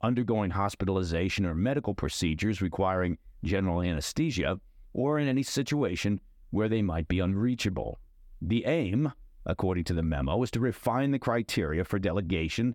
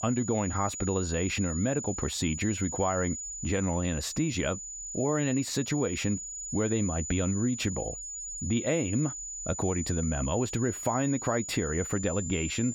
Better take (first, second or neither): first